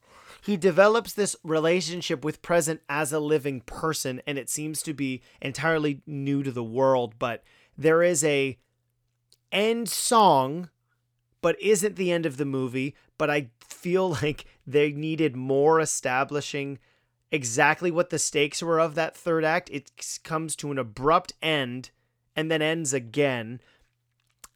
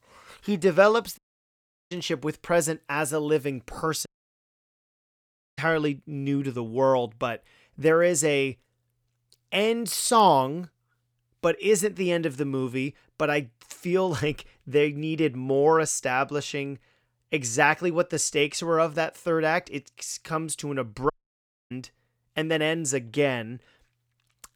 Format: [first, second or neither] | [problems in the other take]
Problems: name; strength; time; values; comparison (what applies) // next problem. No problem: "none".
first | audio cutting out; at 1 s for 0.5 s, at 4 s for 1.5 s and at 21 s for 0.5 s